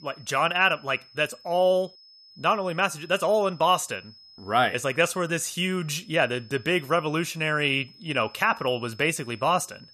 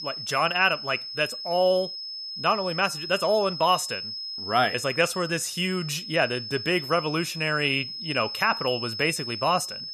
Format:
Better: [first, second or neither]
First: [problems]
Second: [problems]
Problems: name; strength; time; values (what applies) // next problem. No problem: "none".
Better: first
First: high-pitched whine; faint; throughout; 5 kHz, 25 dB below the speech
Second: high-pitched whine; loud; throughout; 5 kHz, 7 dB below the speech